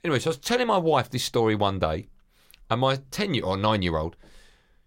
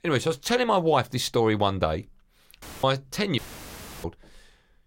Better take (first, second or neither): first